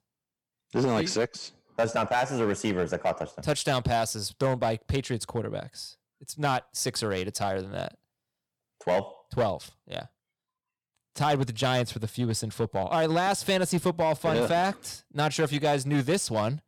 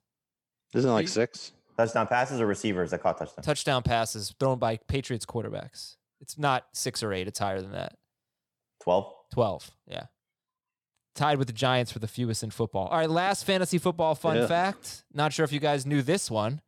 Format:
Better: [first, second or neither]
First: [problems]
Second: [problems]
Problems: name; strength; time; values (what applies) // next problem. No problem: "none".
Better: second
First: distortion; slight; 4% of the sound clipped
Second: none